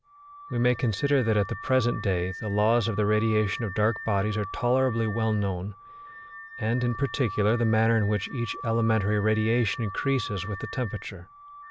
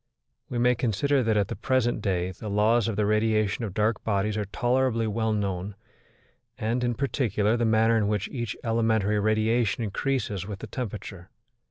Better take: second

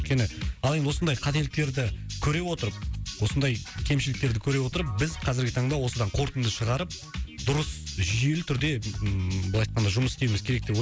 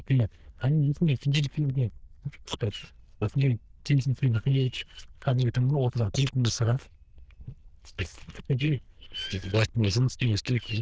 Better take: first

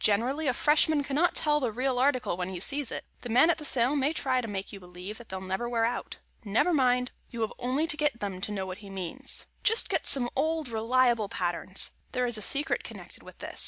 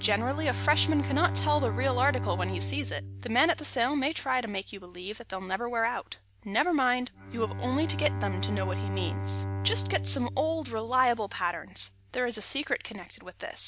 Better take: first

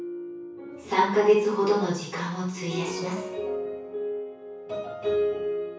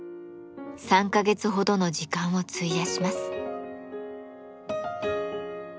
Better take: second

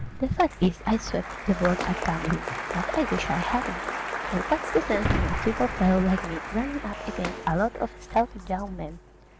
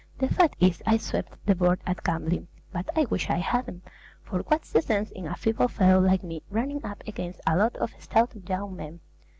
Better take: second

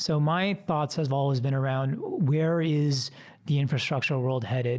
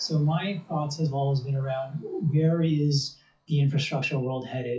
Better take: first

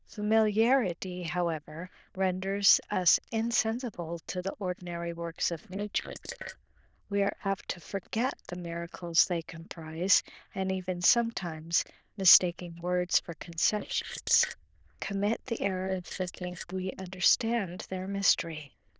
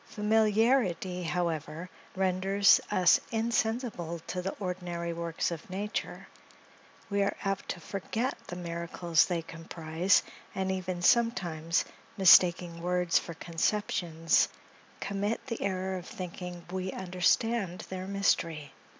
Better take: second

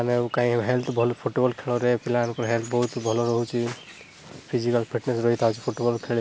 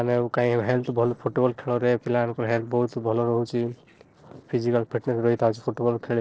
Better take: first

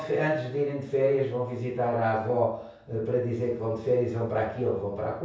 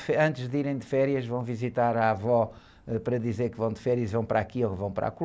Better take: second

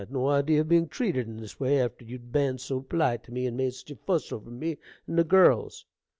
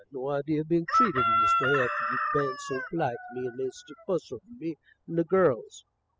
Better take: first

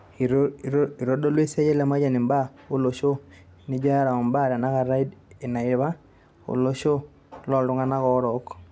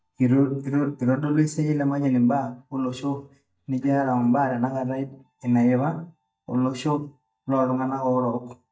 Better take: first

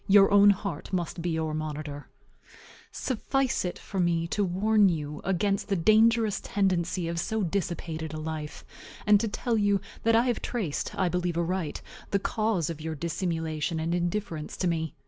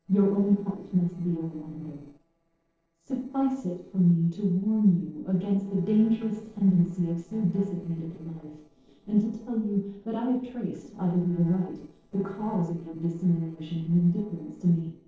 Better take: first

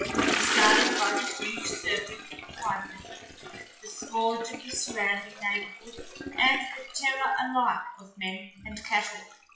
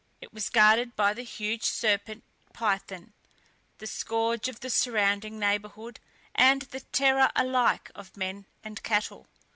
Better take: second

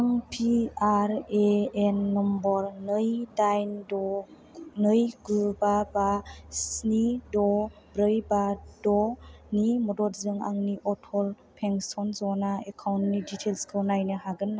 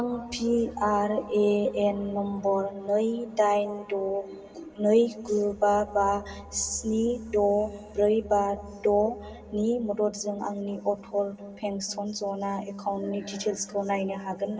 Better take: first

